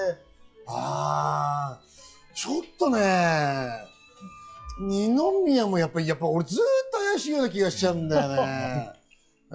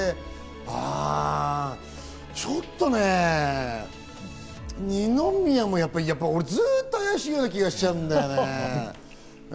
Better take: second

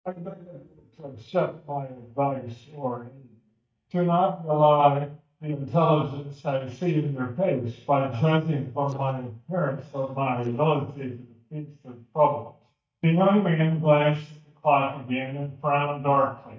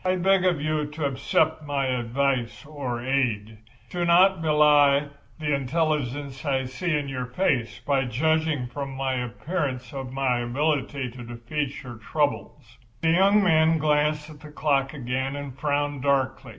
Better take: second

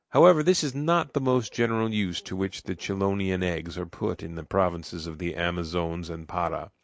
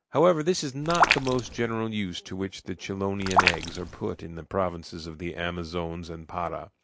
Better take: first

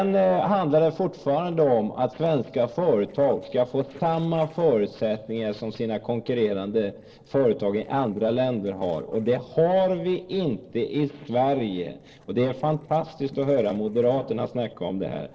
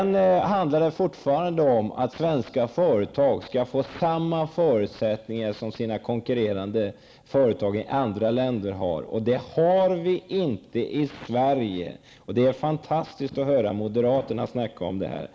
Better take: second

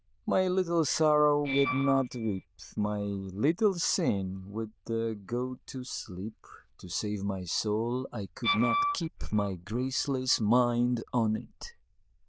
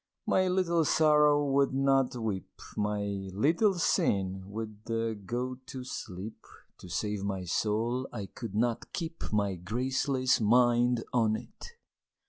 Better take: second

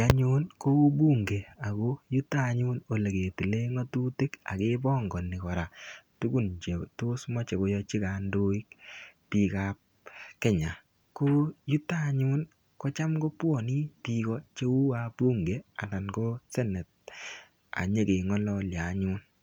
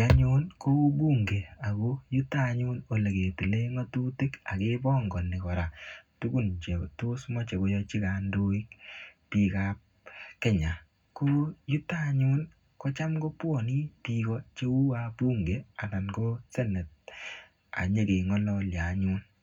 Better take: first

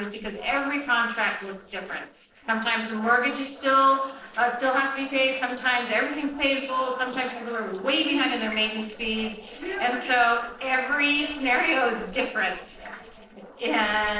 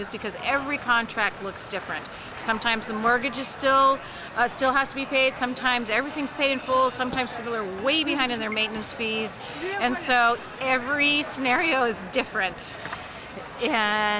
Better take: second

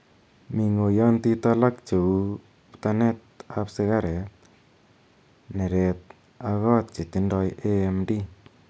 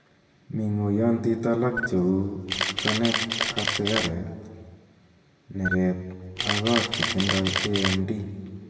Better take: first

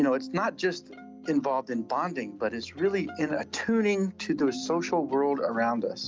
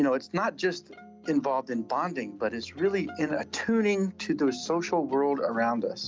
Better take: second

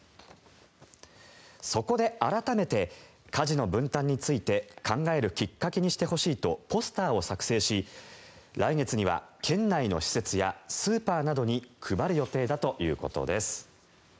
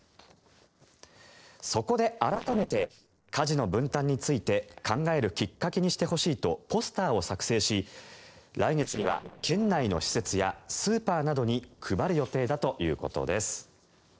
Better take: first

